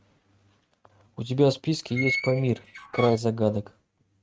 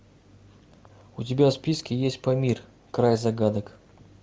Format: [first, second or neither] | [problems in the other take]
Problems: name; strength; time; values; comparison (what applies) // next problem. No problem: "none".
second | noise reduction (neural mask model RNNoise)